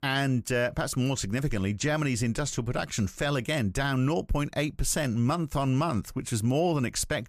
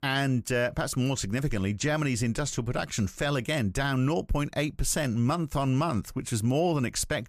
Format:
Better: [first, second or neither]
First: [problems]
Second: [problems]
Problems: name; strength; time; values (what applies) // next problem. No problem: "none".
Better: neither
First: none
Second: none